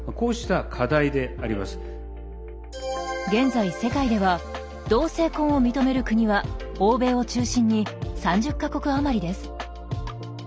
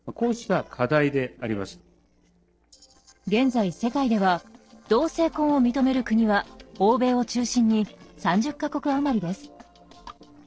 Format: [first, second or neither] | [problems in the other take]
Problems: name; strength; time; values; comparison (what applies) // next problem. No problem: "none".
first | noise reduction (neural separator model SepFormer DNS4)